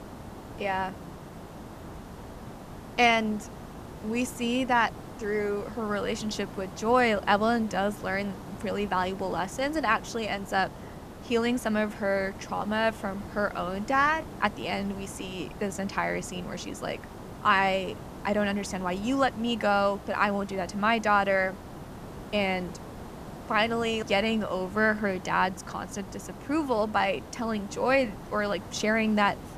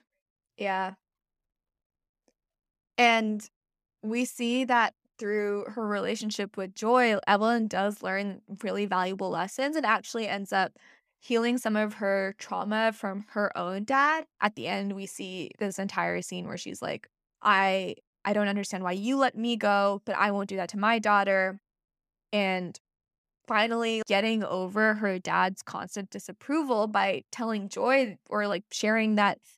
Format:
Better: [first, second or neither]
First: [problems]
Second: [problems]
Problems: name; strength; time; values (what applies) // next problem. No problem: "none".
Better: second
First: hiss; noticeable; throughout; 15 dB below the speech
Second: none